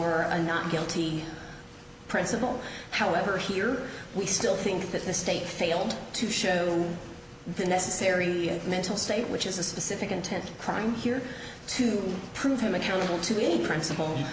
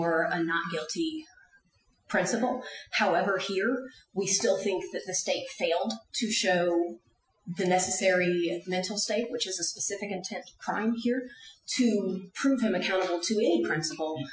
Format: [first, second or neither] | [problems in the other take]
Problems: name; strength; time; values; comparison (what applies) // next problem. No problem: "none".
first | noise reduction (classical method Wiener filter)